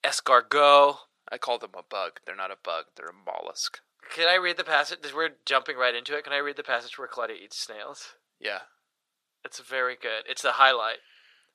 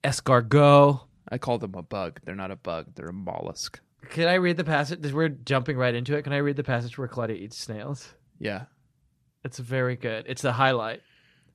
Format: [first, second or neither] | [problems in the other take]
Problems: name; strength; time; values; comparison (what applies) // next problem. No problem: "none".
second | thin; very; fading below 550 Hz